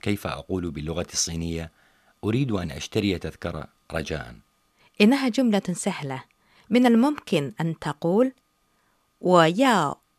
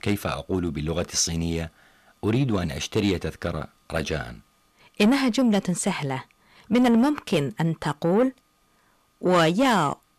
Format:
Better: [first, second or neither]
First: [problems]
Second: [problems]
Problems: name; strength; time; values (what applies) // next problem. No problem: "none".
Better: first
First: none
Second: distortion; slight; 10 dB below the speech